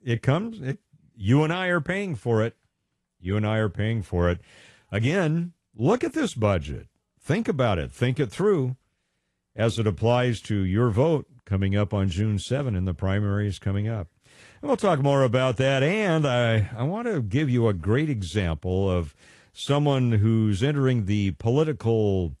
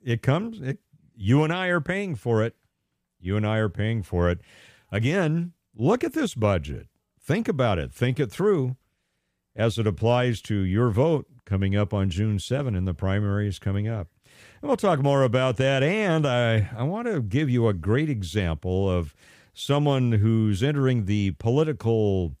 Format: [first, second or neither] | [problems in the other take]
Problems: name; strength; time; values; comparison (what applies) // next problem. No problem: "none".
second | garbled, watery; slightly; nothing above 11 kHz